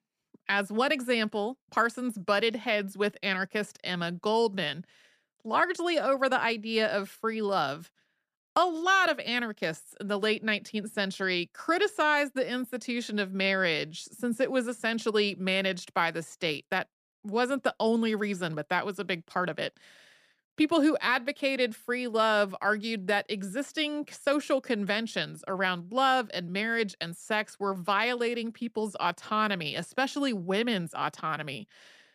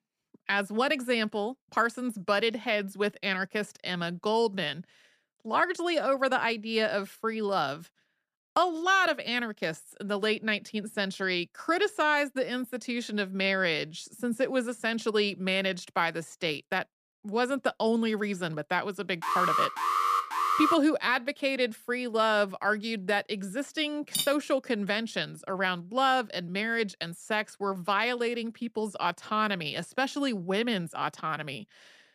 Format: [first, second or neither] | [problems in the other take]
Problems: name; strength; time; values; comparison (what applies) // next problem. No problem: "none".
first | alarm; loud; from 19 to 21 s; peak 3 dB above the speech // clattering dishes; noticeable; at 24 s; peak 2 dB below the speech